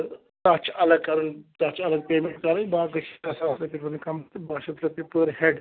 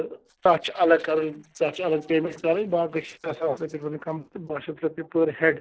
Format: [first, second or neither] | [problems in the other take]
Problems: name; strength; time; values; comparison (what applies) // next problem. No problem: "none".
first | noise reduction (neural separator model SepFormer DNS4)